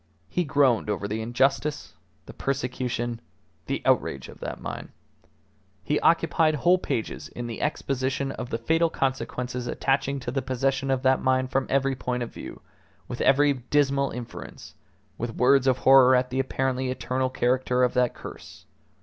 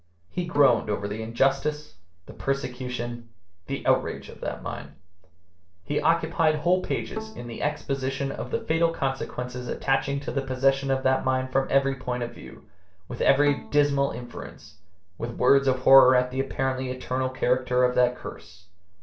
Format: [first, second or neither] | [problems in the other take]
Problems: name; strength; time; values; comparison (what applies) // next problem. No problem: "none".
first | noise reduction (neural separator model SepFormer DNS4)